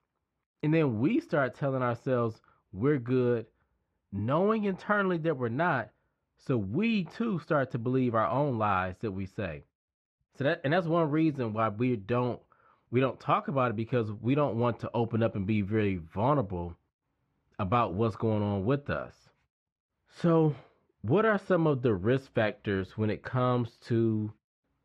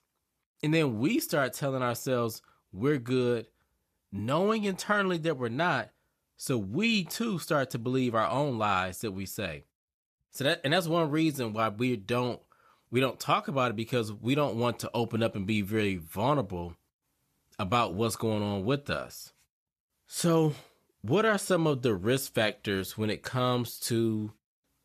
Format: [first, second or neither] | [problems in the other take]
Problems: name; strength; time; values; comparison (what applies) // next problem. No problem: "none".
second | muffled; very; fading above 2 kHz